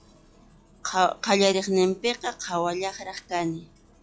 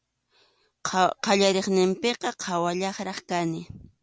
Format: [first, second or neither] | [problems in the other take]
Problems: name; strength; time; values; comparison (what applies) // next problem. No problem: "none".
second | noise reduction (classical method log-MMSE)